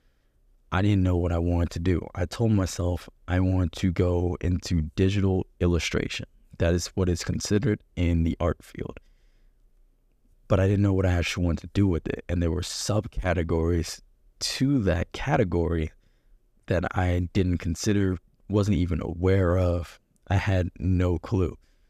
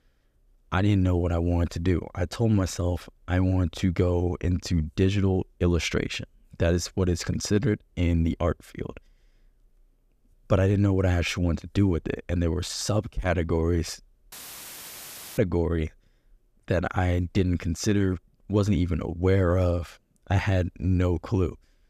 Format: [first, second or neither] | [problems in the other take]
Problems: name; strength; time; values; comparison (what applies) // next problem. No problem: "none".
first | audio cutting out; filled with static; at 14 s for 1 s